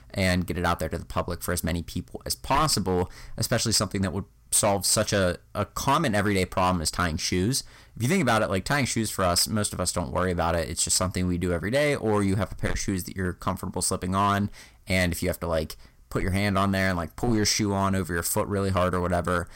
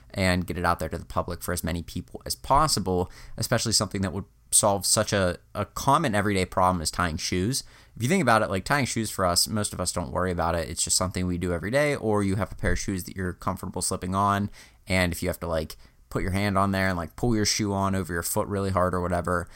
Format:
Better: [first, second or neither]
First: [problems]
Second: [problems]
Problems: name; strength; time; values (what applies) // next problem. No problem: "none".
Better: second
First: distortion; slight; 6% of the sound clipped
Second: none